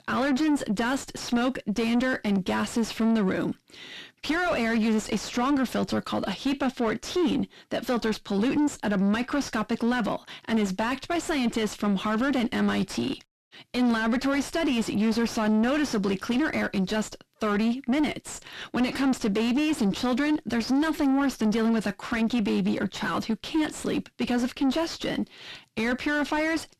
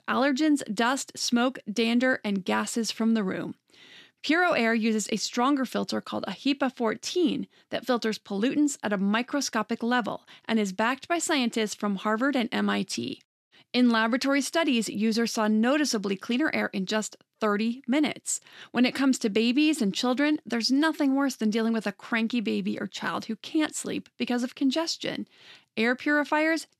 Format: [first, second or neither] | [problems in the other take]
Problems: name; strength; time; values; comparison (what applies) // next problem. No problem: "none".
second | distortion; heavy; 6 dB below the speech